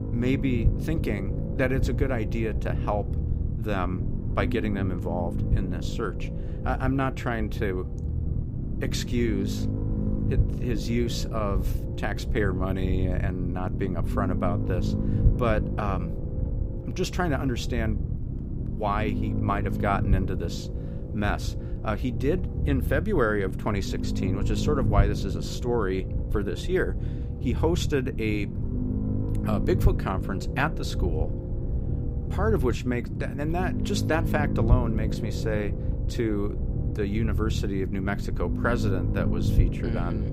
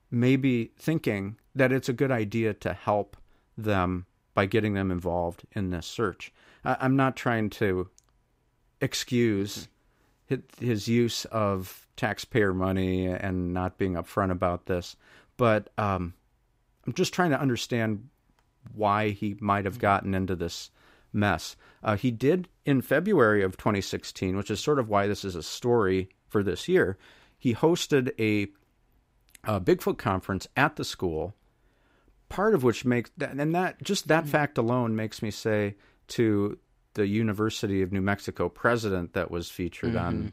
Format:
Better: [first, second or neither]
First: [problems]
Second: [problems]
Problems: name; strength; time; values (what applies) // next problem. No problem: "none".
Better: second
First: low rumble; loud; throughout; 8 dB below the speech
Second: none